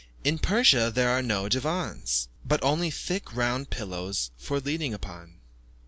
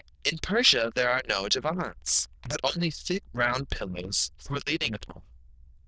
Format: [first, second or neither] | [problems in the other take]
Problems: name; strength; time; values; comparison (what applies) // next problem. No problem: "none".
first | noise reduction (neural diffusion model UNIVERSE++)